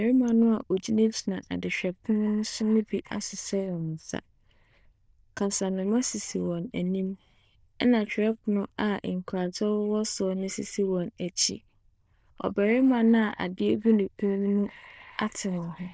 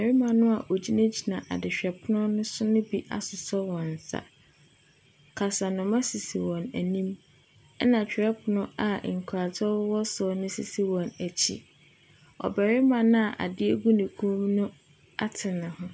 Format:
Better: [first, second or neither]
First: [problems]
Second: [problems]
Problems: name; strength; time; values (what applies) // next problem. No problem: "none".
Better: second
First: noise reduction (neural diffusion model UNIVERSE++)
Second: none